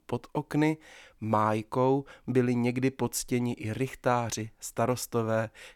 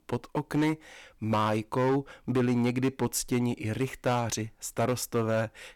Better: first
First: none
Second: distortion; slight; 7% of the sound clipped

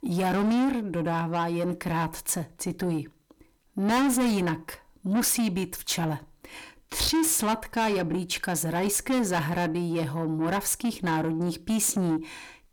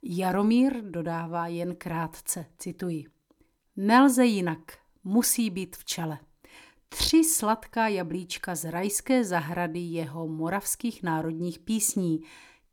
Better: second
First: distortion; heavy; 6 dB below the speech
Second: none

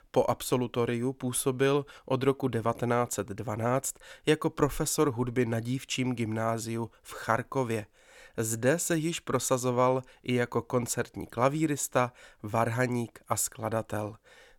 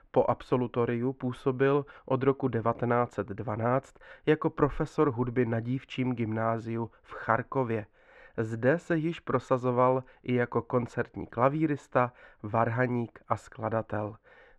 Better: first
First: none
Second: muffled; very; fading above 1.5 kHz

